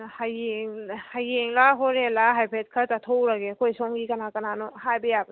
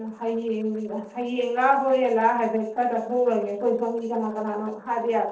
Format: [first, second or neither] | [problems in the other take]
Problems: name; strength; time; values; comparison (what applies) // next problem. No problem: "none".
first | noise reduction (neural separator model SepFormer DNS4)